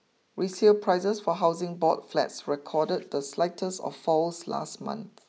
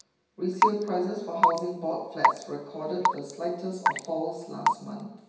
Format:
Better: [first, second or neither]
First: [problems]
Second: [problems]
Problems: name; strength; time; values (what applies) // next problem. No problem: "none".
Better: first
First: none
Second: background sound (Raindrop / Drip / Water tap, faucet); 3 dB above the speech // room echo; dies away in 0.9 s